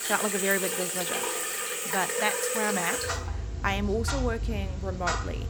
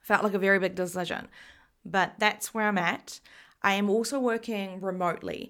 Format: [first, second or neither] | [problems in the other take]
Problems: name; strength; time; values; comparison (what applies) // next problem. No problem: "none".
second | household noises; very loud; throughout; 2 dB above the speech